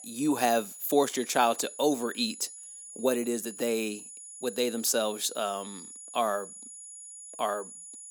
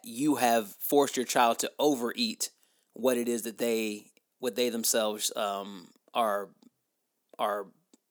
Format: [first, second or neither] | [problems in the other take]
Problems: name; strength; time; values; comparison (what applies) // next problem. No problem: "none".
second | high-pitched whine; noticeable; throughout; 10 kHz, 15 dB below the speech